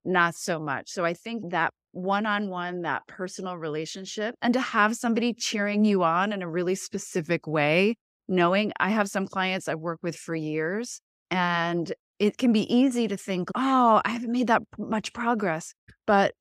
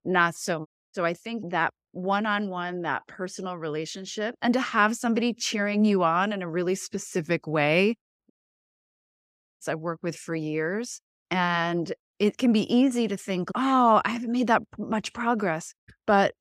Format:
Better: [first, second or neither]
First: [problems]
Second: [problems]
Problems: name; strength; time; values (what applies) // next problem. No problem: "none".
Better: first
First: none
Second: audio cutting out; at 0.5 s and at 8.5 s for 1.5 s